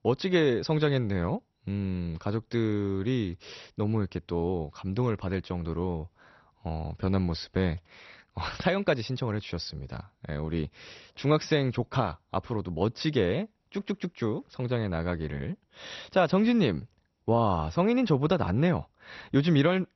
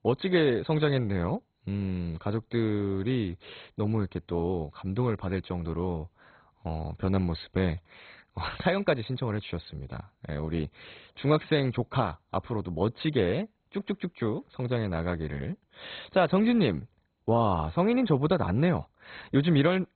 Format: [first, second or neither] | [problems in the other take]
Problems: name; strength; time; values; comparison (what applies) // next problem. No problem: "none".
first | garbled, watery; badly; nothing above 4 kHz; slightly in the first